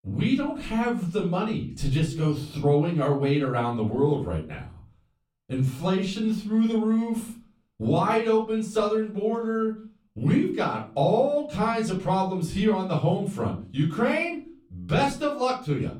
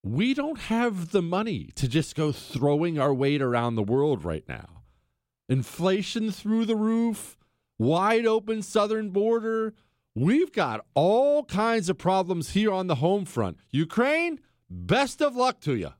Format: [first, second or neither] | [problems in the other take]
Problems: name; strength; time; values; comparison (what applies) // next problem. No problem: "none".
second | off-mic speech; far // room echo; slight; dies away in 0.3 s